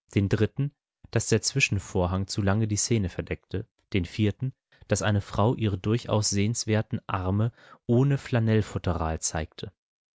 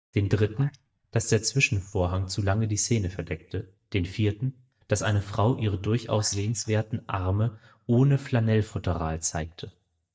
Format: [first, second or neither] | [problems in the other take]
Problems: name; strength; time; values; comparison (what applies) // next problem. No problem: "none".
first | noise reduction (neural mask model DeepFilterNet 3)